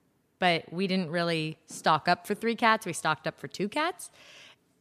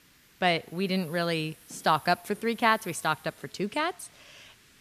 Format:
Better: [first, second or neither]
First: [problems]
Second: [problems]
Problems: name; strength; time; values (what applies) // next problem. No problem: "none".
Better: first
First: none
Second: hiss; faint; throughout; 25 dB below the speech